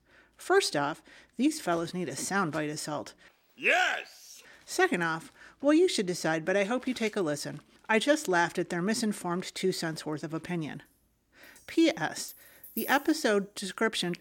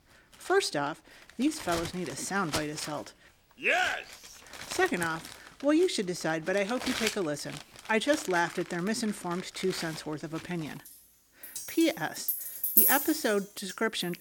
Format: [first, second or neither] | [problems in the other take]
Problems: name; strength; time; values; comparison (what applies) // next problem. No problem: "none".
first | household noises; loud; throughout; 1 dB below the speech; faint in the first